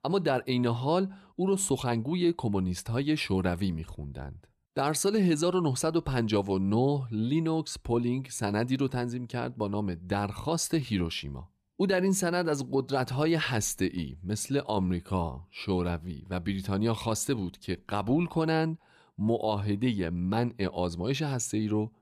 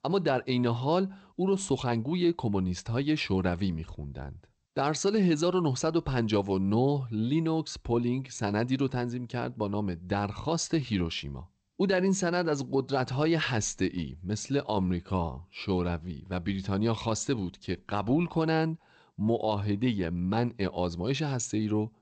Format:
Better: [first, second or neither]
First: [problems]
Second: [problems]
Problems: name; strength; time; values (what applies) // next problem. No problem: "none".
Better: first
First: none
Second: garbled, watery; slightly; nothing above 8 kHz